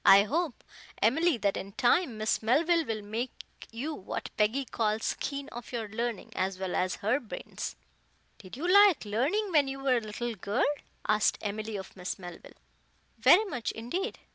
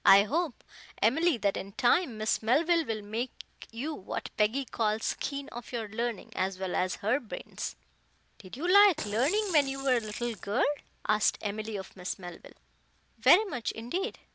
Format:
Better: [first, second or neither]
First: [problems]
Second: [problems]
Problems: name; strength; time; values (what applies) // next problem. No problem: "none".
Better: first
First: none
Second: background sound (Rattle / Rattle (instrument)); 10 dB below the speech